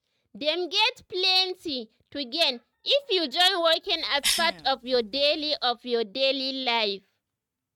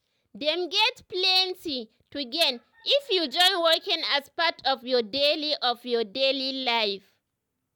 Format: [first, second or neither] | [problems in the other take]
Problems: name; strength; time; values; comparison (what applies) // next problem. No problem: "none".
second | noise reduction (neural mask model RNNoise)